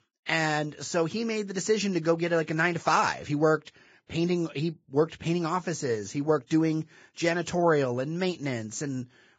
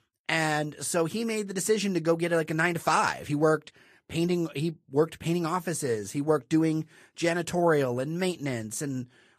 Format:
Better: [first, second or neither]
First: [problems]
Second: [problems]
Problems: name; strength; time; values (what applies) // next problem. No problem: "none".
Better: second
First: garbled, watery; badly; nothing above 7.5 kHz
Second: garbled, watery; slightly; nothing above 14.5 kHz